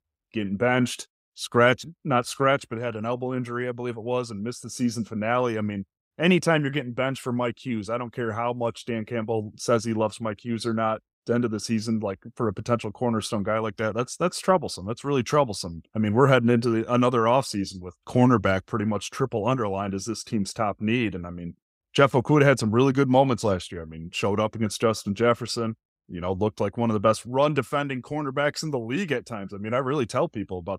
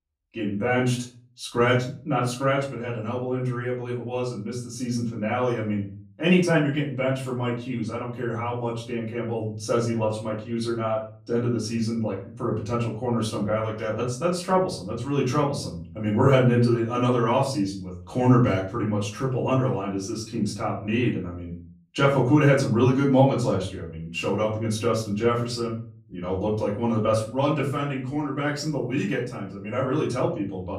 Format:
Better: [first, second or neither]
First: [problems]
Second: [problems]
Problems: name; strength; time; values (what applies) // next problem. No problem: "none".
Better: first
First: none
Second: off-mic speech; far // room echo; slight; dies away in 0.4 s